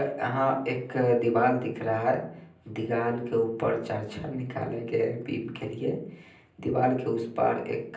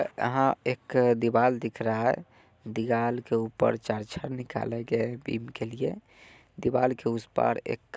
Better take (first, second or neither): second